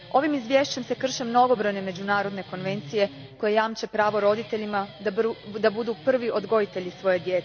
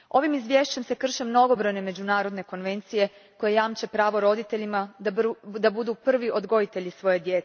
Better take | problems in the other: second | background sound (Guitar); 18 dB below the speech

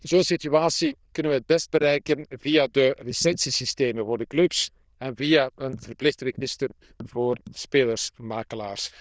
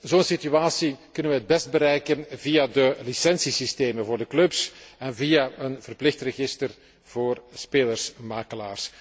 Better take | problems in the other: second | noise reduction (neural diffusion model UNIVERSE++)

